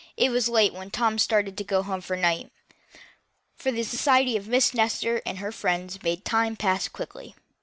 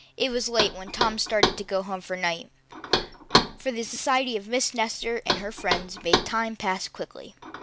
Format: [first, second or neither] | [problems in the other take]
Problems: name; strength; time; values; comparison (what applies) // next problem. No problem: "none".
first | background sound (Knock); 1 dB below the speech